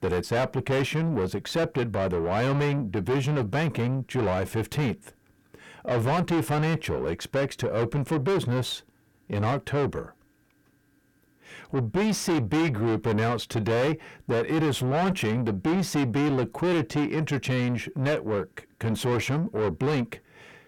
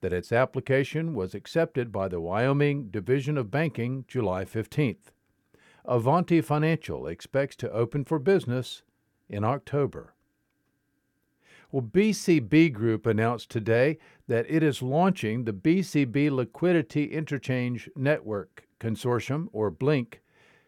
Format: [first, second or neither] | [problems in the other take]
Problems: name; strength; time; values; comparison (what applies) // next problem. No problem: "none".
second | distortion; heavy; 6 dB below the speech